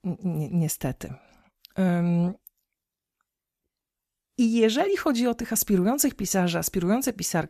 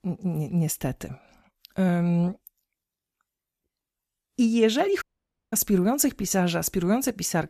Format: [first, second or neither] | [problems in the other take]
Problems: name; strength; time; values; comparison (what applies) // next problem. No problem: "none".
first | audio cutting out; at 5 s for 0.5 s